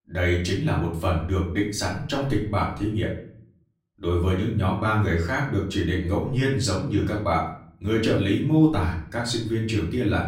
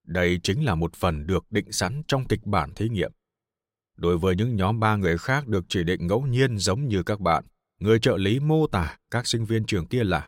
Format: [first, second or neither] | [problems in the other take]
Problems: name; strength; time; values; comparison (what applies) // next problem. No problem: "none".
second | room echo; slight; dies away in 0.5 s // off-mic speech; far